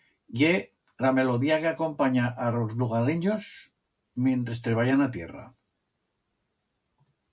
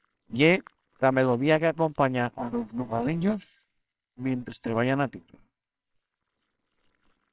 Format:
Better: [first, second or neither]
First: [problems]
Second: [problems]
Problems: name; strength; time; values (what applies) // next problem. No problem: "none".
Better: first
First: none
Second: noise reduction (neural separator model SepFormer WHAMR!)